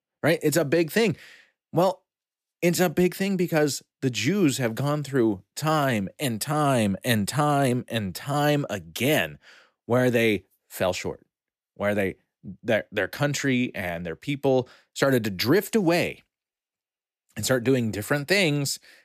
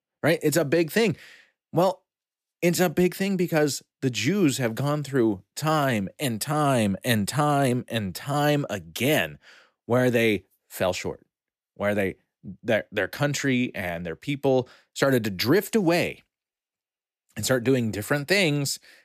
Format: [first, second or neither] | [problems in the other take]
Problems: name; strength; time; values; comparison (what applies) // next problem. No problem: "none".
neither | none